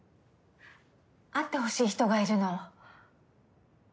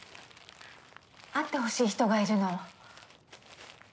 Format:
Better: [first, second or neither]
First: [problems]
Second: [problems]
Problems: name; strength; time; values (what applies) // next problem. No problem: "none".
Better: first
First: none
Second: background sound (Crumpling, crinkling); 20 dB below the speech